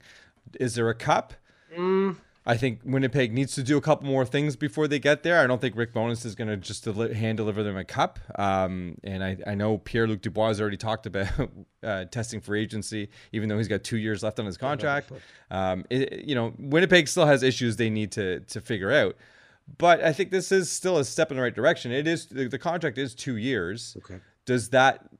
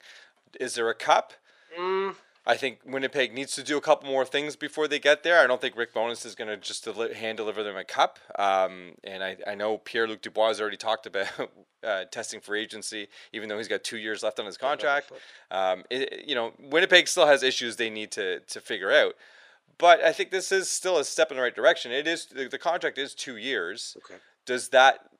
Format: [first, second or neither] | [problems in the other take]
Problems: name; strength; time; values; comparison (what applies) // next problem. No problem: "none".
first | thin; very; fading below 550 Hz